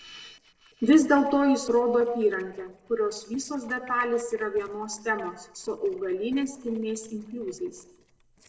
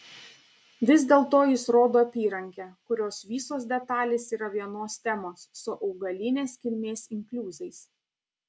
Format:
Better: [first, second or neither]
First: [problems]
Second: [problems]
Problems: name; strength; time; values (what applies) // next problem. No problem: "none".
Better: second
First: noise reduction (neural separator model SepFormer DNS4)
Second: none